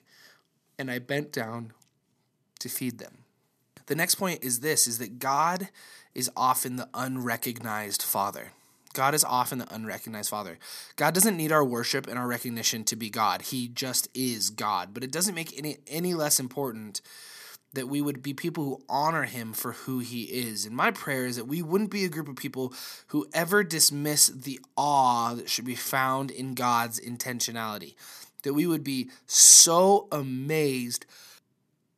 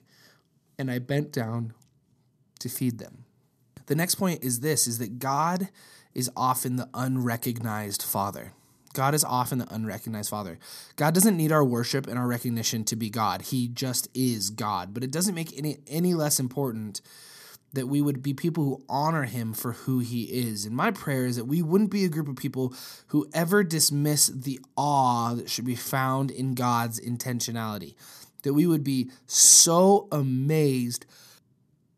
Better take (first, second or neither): second